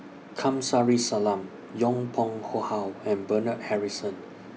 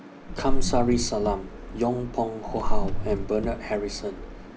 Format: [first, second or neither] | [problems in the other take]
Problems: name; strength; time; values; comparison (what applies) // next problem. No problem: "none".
first | background sound (Car); 2 dB above the speech